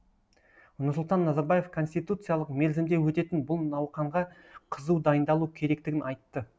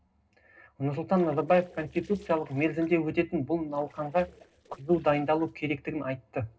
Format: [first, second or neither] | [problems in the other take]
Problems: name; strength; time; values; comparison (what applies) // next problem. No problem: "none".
first | noise reduction (neural separator model SepFormer DNS4)